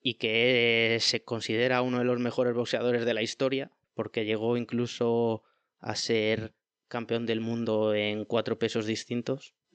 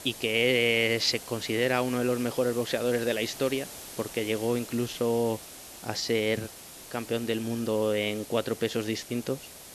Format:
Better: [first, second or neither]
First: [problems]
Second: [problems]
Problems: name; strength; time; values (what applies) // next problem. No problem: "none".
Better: first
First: none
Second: hiss; noticeable; throughout; 15 dB below the speech